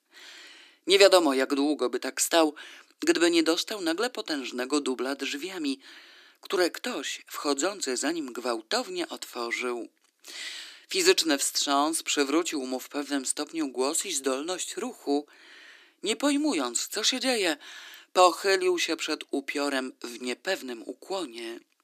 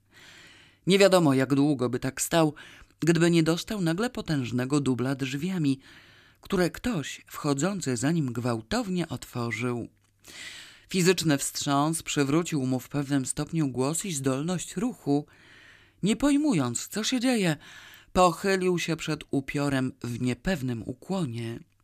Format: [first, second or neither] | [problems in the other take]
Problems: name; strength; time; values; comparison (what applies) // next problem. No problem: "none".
second | thin; somewhat; fading below 300 Hz